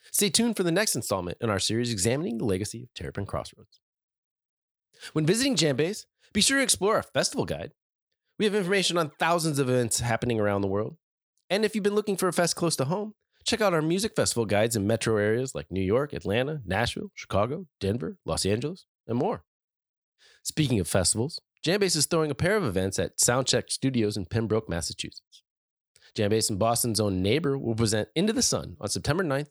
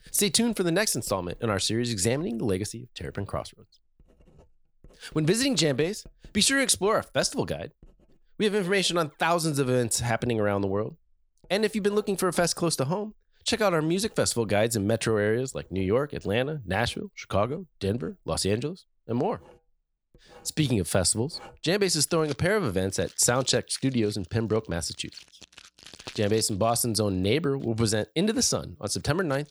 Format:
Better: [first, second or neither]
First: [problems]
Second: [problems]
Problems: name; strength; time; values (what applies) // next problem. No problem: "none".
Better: first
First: none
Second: household noises; faint; throughout; 25 dB below the speech